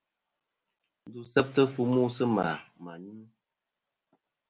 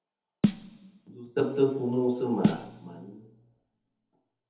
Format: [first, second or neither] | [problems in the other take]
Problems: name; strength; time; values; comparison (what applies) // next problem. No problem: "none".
first | background sound (Snare drum); 2 dB below the speech // room echo; dies away in 0.7 s